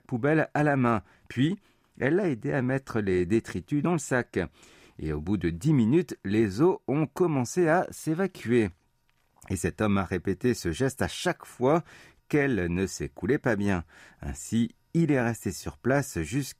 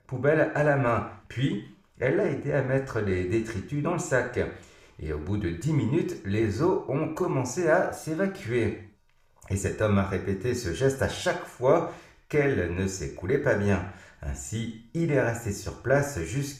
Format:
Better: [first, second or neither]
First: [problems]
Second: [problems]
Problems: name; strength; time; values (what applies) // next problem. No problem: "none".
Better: first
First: none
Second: room echo; slight; dies away in 0.5 s